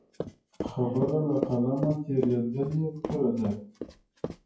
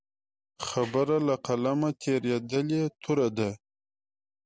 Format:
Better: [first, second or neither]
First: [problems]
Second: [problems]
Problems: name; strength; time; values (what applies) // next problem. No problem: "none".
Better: second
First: noise reduction (classical method WPE with log-MMSE)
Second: none